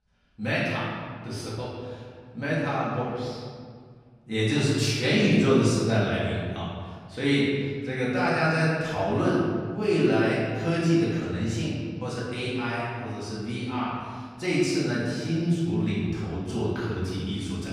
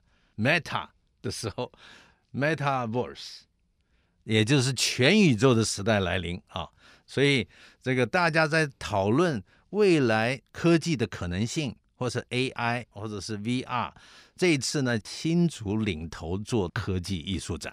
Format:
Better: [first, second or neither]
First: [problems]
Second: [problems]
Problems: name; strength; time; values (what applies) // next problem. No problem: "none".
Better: second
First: room echo; strong; dies away in 1.8 s // off-mic speech; far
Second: none